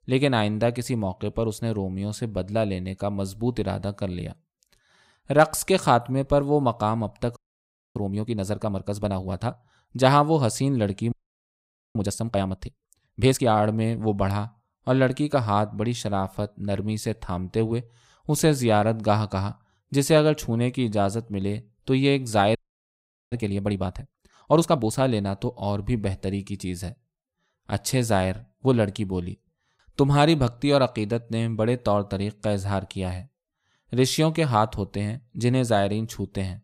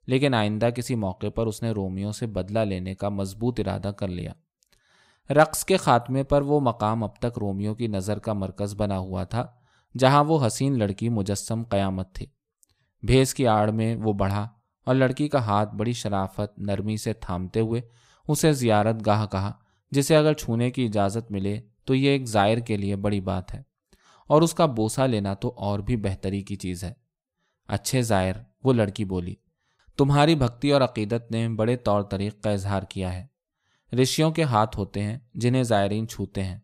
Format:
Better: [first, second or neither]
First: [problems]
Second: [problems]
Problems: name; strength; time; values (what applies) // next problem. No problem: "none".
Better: second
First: audio freezing; at 7.5 s for 0.5 s, at 11 s for 1 s and at 23 s for 1 s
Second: none